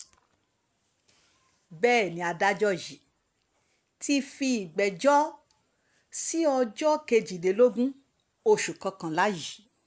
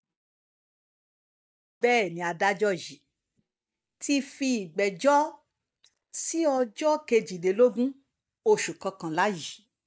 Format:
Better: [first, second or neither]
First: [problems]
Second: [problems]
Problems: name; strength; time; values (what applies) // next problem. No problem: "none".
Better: first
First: none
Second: noise reduction (neural mask model DeepFilterNet 3)